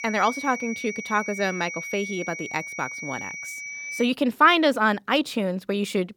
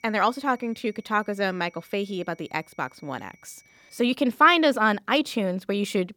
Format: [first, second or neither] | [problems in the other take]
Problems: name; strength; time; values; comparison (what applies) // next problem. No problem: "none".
second | high-pitched whine; loud; until 4 s; 2 kHz, 9 dB below the speech; faint in the second